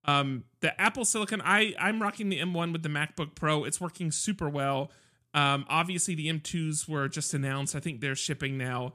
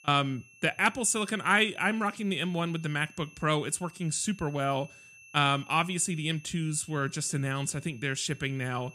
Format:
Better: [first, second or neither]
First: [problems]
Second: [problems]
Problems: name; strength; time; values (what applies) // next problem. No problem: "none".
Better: first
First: none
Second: high-pitched whine; faint; throughout; 2.5 kHz, 25 dB below the speech